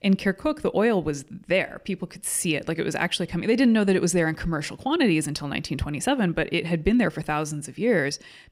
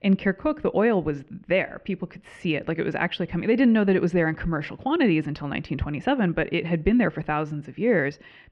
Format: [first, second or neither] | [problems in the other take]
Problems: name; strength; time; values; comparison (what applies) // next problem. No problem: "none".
first | muffled; very; fading above 2.5 kHz